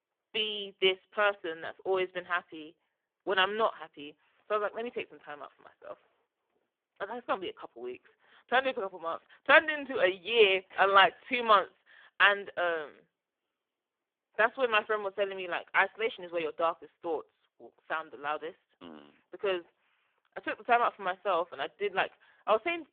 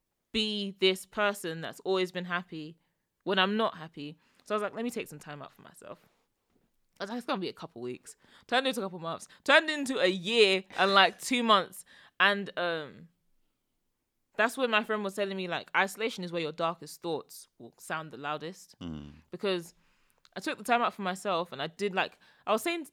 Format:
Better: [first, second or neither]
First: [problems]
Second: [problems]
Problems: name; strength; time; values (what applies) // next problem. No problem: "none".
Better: second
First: phone-call audio; poor line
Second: none